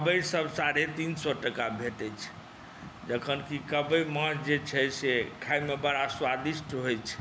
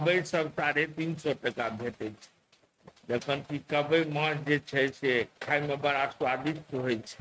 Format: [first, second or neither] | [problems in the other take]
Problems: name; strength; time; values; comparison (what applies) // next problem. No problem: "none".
first | noise reduction (neural mask model RNNoise)